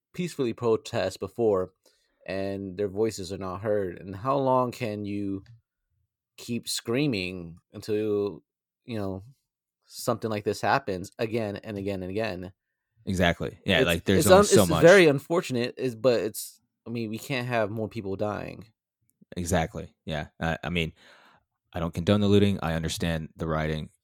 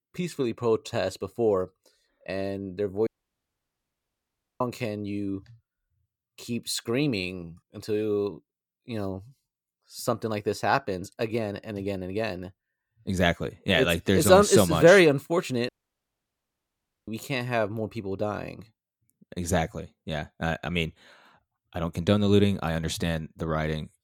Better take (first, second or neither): first